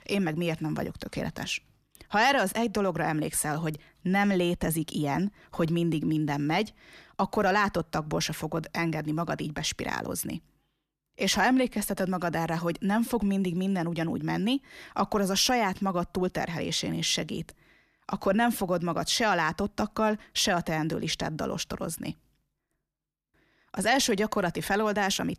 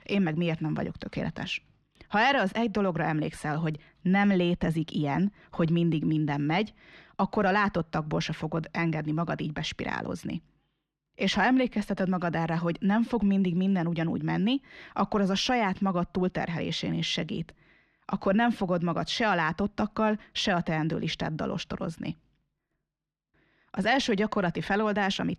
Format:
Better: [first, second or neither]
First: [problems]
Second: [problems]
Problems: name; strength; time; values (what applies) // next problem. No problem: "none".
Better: first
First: none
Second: muffled; very slightly; fading above 3.5 kHz